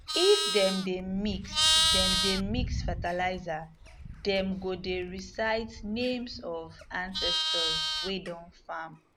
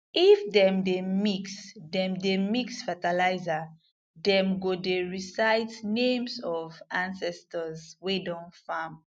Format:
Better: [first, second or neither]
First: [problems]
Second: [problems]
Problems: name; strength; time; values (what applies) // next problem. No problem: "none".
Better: second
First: background sound (Livestock, farm animals, working animals); as loud as the speech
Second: none